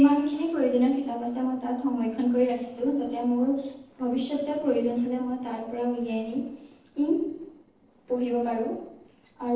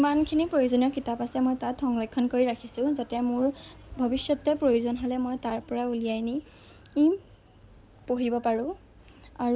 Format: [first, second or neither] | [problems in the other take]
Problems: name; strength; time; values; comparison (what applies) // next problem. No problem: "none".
second | noise reduction (neural separator model SepFormer DNS4)